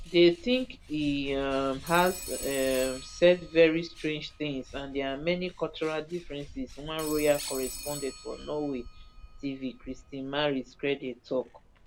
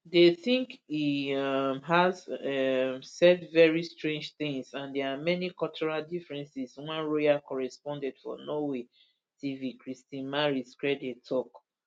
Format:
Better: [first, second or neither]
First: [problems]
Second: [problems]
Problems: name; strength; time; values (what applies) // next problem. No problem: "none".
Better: second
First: background sound (Telephone + Bird); 15 dB below the speech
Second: none